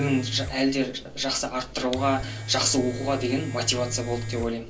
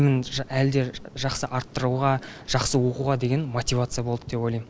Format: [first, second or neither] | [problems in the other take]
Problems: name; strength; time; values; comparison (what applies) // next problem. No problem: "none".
second | background sound (Domestic sounds, home sounds); 9 dB below the speech // room echo; dies away in 0.3 s